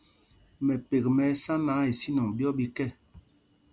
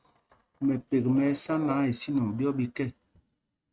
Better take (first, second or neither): first